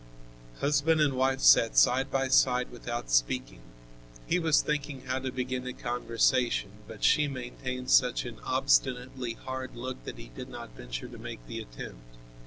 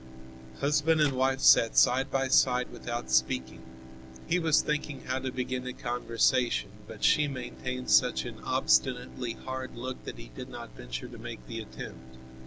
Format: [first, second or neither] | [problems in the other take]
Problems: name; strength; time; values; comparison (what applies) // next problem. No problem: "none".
first | background sound (Typewriter + Bowed string instrument); 18 dB below the speech